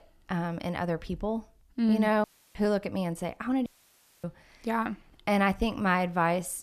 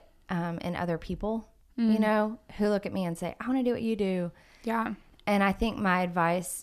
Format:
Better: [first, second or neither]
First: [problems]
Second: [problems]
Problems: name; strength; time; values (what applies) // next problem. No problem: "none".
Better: second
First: audio cutting out; at 2 s and at 3.5 s for 0.5 s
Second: none